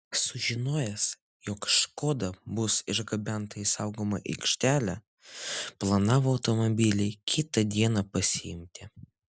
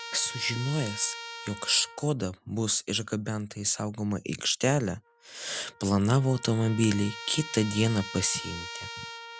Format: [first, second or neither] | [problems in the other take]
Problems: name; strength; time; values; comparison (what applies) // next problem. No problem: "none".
first | background sound (Trumpet); 14 dB below the speech